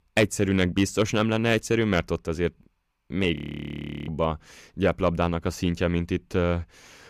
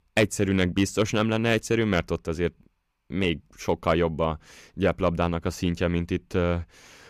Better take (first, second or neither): second